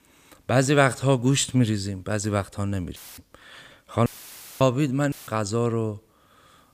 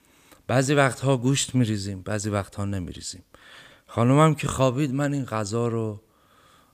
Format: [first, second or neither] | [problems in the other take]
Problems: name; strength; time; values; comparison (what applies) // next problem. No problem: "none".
second | audio cutting out; filled with static; at 3 s, at 4 s for 0.5 s and at 5 s